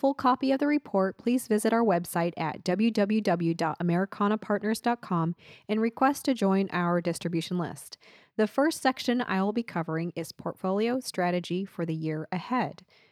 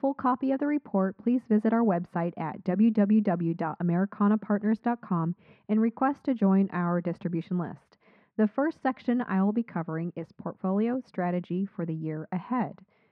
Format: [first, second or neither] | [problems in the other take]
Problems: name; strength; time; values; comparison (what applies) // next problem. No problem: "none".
first | muffled; very; fading above 1.5 kHz